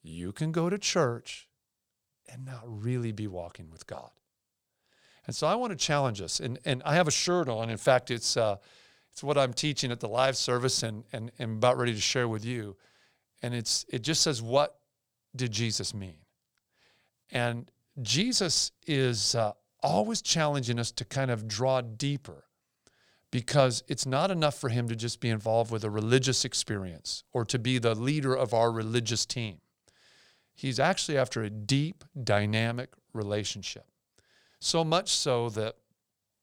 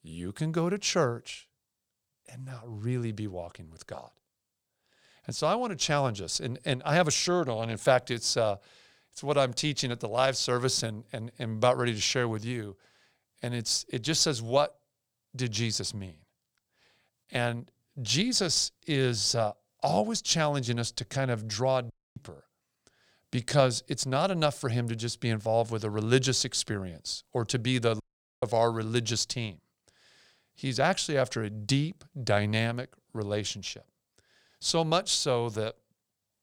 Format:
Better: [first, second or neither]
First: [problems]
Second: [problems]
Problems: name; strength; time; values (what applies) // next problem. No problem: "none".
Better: first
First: none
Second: audio cutting out; at 22 s and at 28 s